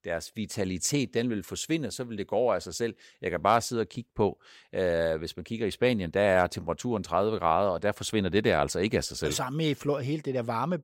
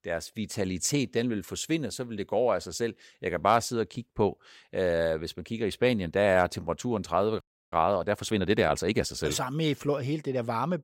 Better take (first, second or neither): first